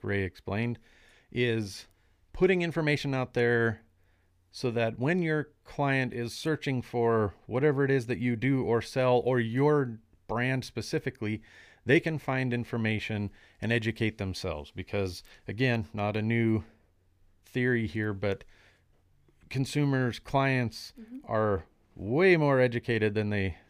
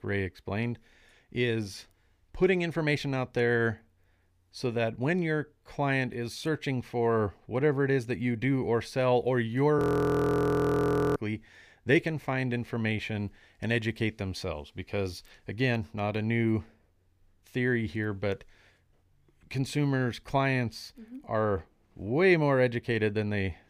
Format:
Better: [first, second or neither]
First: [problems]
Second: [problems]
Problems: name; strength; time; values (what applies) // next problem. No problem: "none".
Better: first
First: none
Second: audio freezing; at 10 s for 1.5 s